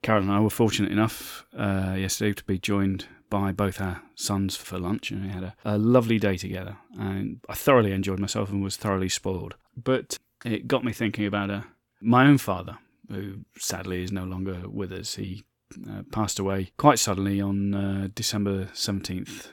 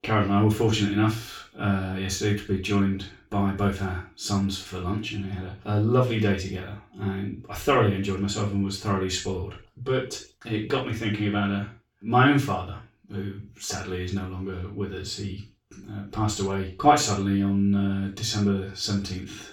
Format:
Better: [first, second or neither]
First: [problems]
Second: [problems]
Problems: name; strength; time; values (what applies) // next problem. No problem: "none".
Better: first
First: none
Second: room echo; noticeable; dies away in 0.3 s // off-mic speech; far